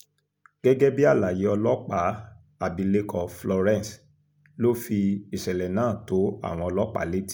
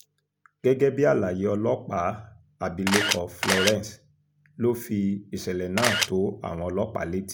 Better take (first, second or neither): first